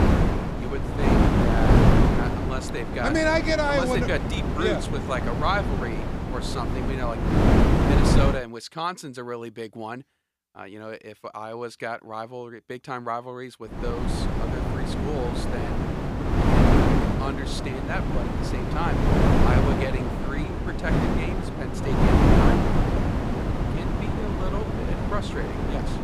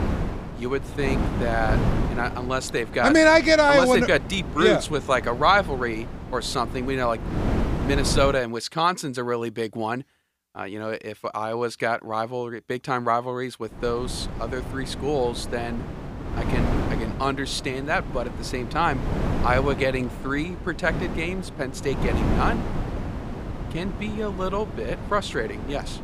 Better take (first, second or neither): second